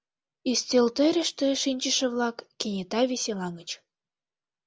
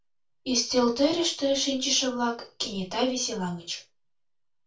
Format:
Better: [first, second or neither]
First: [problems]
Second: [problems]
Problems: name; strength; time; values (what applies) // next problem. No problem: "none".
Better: first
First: none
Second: room echo; dies away in 0.3 s